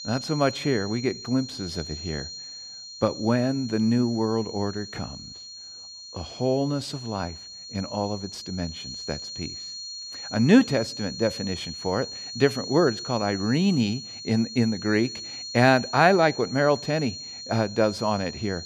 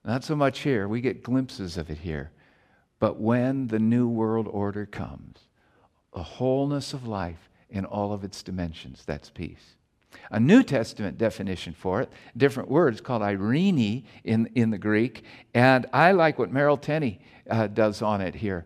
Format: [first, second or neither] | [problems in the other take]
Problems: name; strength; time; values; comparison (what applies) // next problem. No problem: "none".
second | high-pitched whine; noticeable; throughout; 4.5 kHz, 10 dB below the speech